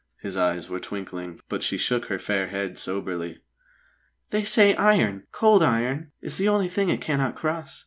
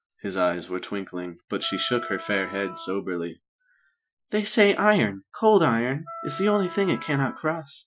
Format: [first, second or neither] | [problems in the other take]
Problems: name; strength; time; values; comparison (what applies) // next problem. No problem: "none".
first | noise reduction (classical method Wiener filter)